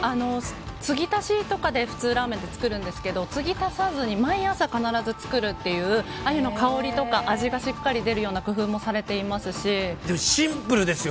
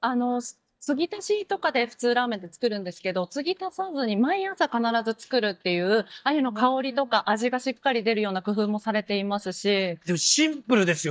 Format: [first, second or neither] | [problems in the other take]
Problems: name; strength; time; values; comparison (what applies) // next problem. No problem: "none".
first | noise reduction (neural mask model DeepFilterNet 3)